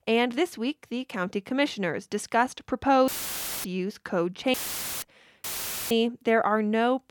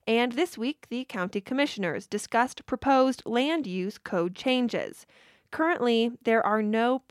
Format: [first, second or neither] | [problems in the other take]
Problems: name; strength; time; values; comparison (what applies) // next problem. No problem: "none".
second | audio cutting out; filled with static; at 3 s for 0.5 s, at 4.5 s and at 5.5 s